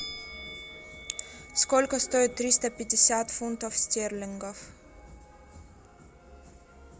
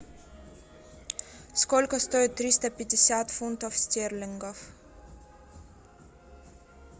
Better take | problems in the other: second | background sound (Musical instrument); 19 dB below the speech

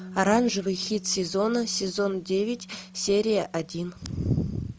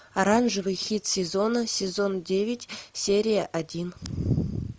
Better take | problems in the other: second | background sound (Bass guitar); 18 dB below the speech

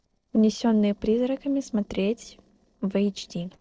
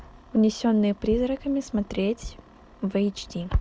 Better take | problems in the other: second | noise reduction (neural separator model SepFormer DNS4)

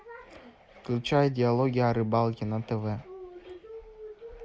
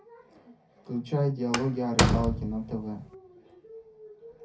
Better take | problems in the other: first | background sound (Slam); 4 dB above the speech // room echo; dies away in 0.3 s

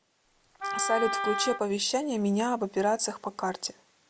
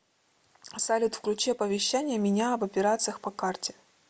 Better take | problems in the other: second | background sound (Wind instrument, woodwind instrument); 4 dB below the speech

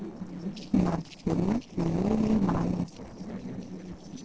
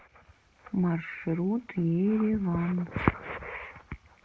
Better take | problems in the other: second | noise reduction (neural separator model SepFormer DNS4)

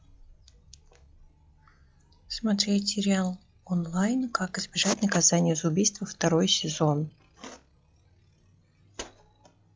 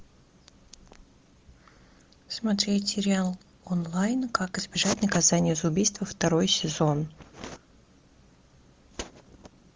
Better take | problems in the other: second | noise reduction (classical method log-MMSE)

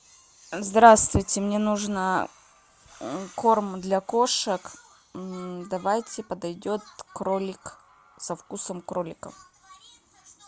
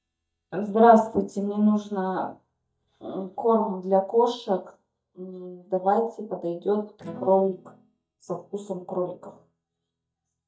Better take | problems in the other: first | noise reduction (neural mask model DeepFilterNet 3)

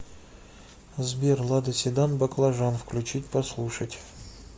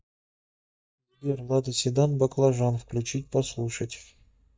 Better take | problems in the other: first | noise reduction (neural mask model DeepFilterNet 3)

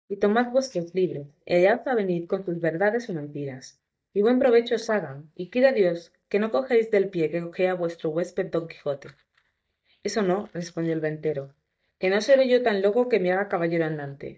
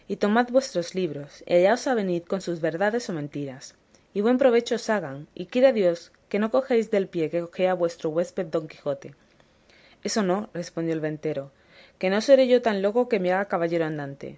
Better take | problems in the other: second | noise reduction (neural mask model DeepFilterNet 3)

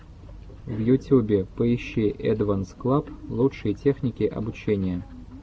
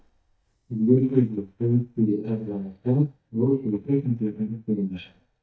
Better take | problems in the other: first | noise reduction (neural mask model DeepFilterNet 3)

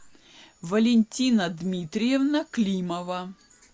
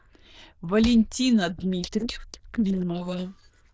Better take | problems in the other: first | noise reduction (neural diffusion model UNIVERSE++)

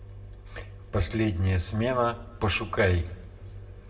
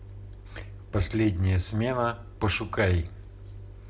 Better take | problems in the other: second | room echo; dies away in 0.7 s

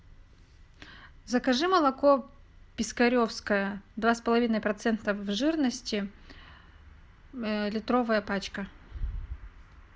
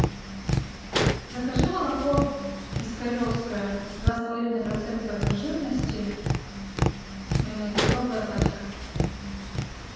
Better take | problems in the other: first | background sound (Tap); 2 dB above the speech // room echo; dies away in 1.2 s

